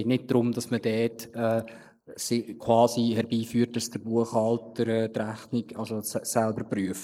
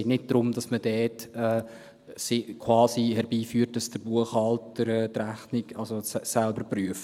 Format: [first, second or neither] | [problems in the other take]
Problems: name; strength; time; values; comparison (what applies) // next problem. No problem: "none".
second | noise reduction (neural mask model Resemble Enhance denoiser)